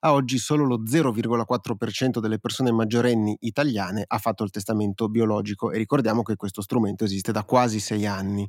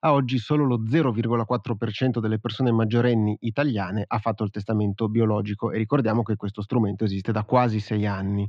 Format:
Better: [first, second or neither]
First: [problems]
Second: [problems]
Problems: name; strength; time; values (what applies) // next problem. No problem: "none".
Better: first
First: none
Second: muffled; slightly; fading above 3.5 kHz